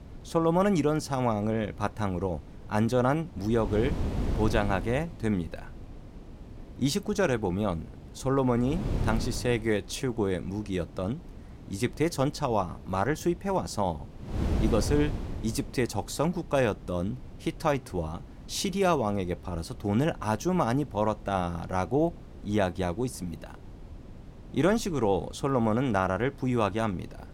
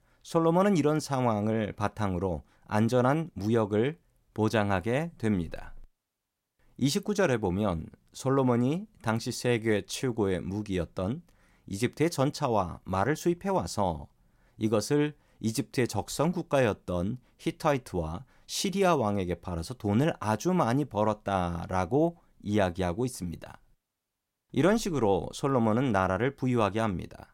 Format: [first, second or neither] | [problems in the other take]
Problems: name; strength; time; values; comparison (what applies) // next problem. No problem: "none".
second | wind noise on the microphone; occasional gusts; 15 dB below the speech